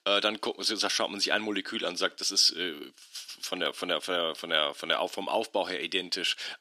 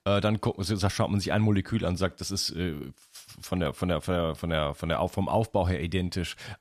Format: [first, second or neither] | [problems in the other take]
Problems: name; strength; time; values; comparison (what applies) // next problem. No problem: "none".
second | thin; somewhat; fading below 300 Hz